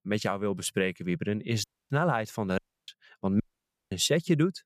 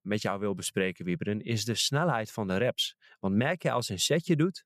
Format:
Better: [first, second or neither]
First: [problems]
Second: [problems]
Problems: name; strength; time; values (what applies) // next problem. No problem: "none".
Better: second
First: audio cutting out; at 1.5 s, at 2.5 s and at 3.5 s for 0.5 s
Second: none